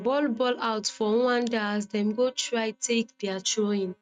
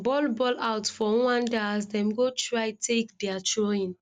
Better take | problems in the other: second | noise reduction (neural mask model RNNoise)

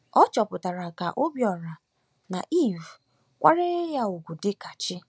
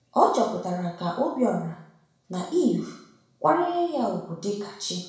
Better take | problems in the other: first | room echo; dies away in 0.6 s

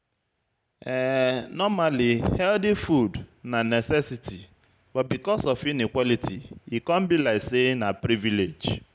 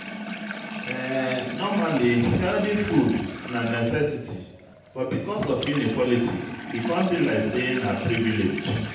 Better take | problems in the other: first | background sound (Sink (filling or washing) / Water tap, faucet); 10 dB below the speech // room echo; dies away in 0.8 s

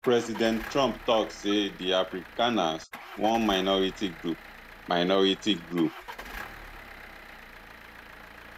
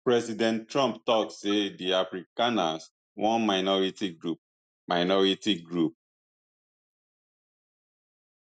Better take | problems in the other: second | background sound (Engine starting / Car); 15 dB below the speech

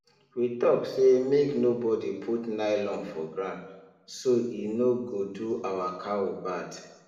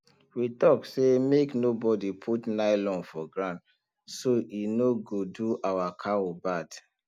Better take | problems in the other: second | room echo; dies away in 0.9 s

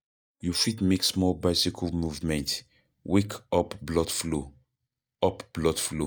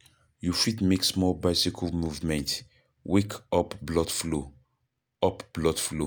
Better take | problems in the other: second | noise reduction (neural mask model DeepFilterNet 3)

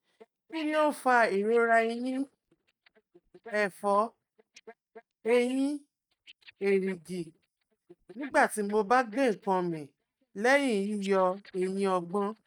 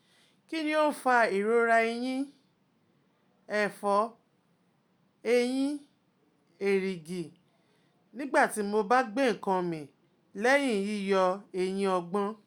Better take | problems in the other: second | noise reduction (neural mask model DeepFilterNet 3)

